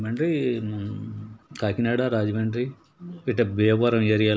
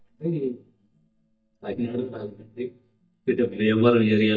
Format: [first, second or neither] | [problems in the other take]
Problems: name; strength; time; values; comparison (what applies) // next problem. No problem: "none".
first | noise reduction (neural mask model DeepFilterNet 3)